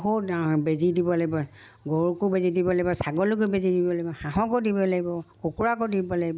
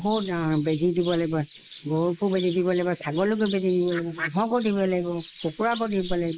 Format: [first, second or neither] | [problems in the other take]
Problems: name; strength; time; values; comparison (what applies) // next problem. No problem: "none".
first | noise reduction (neural mask model Resemble Enhance denoiser)